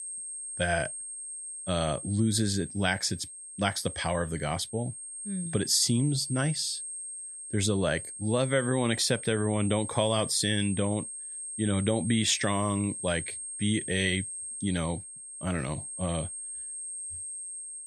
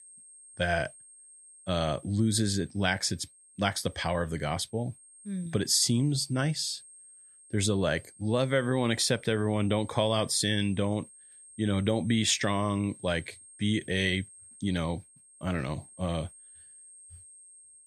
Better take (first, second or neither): second